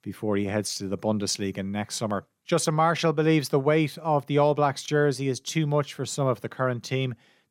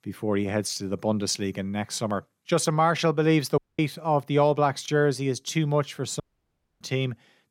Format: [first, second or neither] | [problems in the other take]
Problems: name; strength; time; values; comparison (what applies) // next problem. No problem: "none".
first | audio cutting out; at 3.5 s and at 6 s for 0.5 s